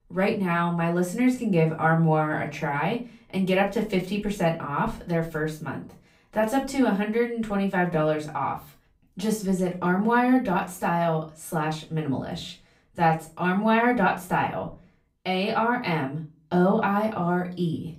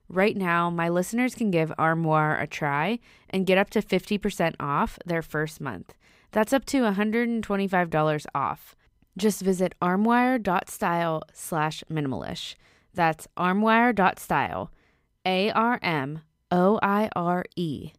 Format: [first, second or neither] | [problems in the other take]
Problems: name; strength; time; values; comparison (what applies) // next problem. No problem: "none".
second | off-mic speech; far // room echo; very slight; dies away in 0.3 s